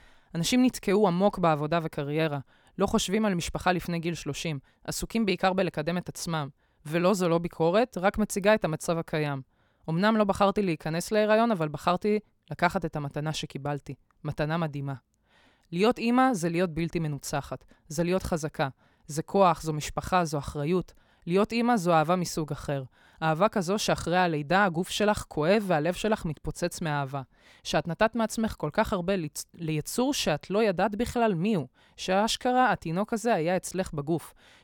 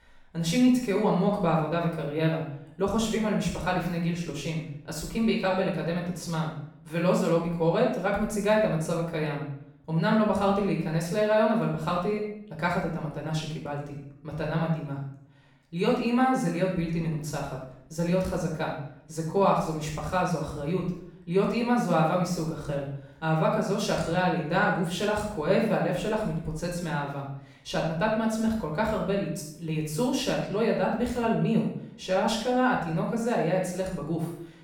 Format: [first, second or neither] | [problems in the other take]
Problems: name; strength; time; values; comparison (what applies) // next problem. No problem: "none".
first | off-mic speech; far // room echo; noticeable; dies away in 0.6 s